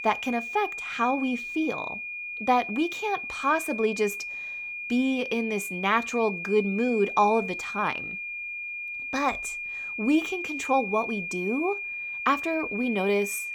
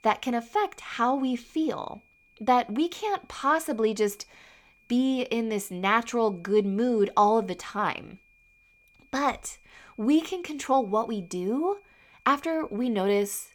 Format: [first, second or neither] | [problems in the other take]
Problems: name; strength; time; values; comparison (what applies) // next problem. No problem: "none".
second | high-pitched whine; loud; throughout; 2.5 kHz, 5 dB below the speech; faint in the second